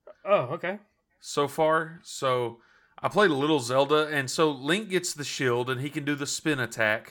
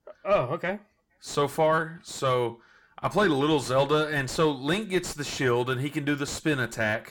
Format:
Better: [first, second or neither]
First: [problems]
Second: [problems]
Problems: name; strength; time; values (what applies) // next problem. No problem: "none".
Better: first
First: none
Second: distortion; slight; 10 dB below the speech